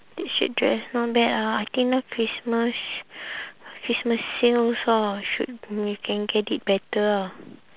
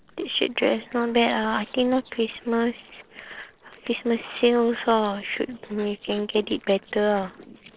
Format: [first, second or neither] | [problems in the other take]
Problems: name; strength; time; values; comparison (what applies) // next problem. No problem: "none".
first | noise reduction (neural separator model SepFormer DNS4)